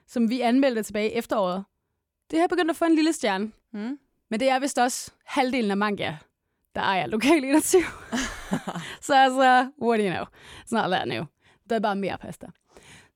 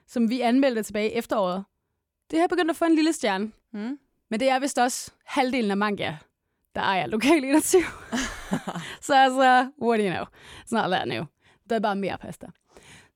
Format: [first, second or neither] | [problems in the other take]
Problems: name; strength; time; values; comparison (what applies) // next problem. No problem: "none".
neither | none